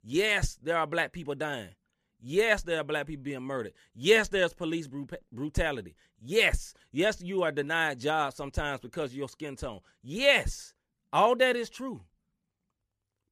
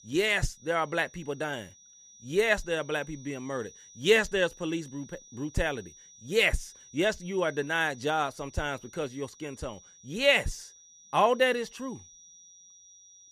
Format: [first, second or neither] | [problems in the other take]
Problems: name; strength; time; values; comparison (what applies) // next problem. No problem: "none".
first | high-pitched whine; faint; throughout; 6 kHz, 25 dB below the speech